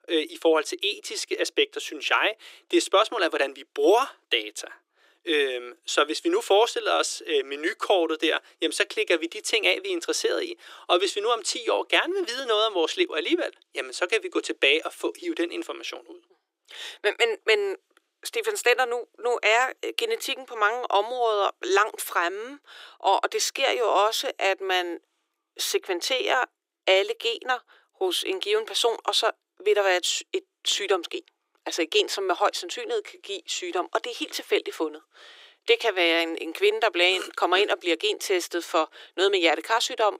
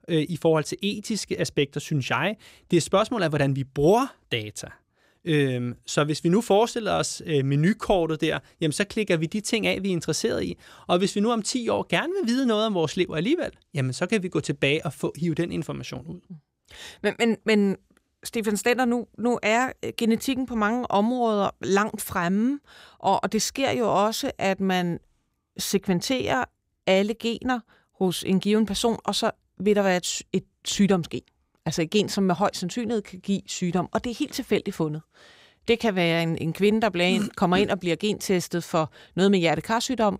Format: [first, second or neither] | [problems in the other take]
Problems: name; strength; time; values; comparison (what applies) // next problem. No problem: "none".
second | thin; very; fading below 350 Hz